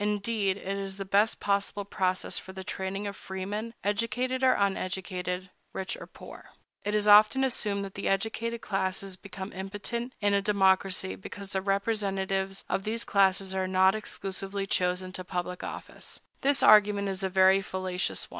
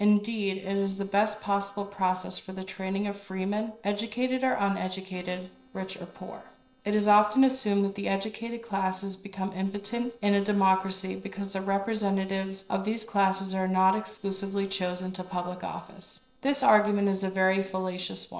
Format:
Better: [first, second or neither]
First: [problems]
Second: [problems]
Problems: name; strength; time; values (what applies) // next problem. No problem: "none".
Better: first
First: none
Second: noise reduction (neural separator model SepFormer DNS4)